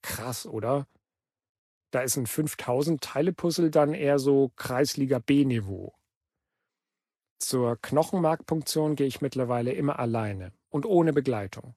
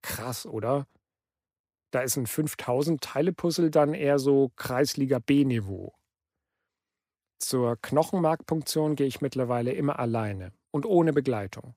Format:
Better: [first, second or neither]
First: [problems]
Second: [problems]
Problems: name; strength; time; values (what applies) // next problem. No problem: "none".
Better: second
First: garbled, watery; slightly; nothing above 13 kHz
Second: none